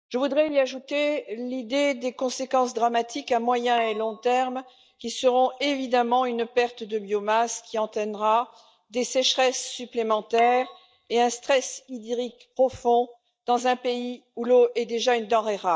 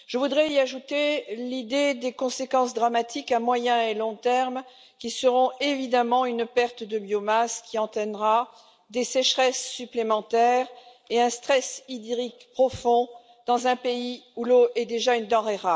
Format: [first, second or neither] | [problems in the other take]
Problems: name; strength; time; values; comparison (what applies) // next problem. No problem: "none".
second | noise reduction (neural mask model DeepFilterNet 3)